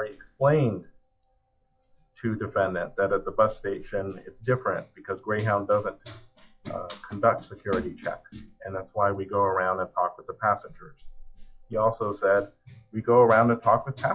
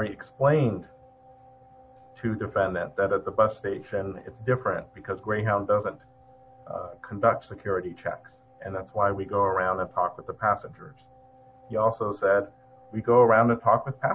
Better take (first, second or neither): second